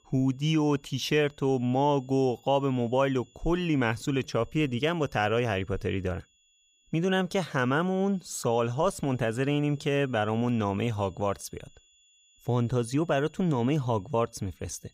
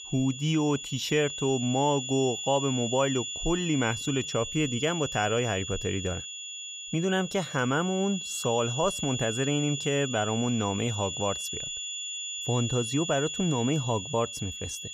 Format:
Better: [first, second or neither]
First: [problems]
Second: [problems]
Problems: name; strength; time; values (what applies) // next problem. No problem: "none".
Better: first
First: high-pitched whine; faint; throughout; 3.5 kHz, 35 dB below the speech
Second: high-pitched whine; loud; throughout; 3.5 kHz, 5 dB below the speech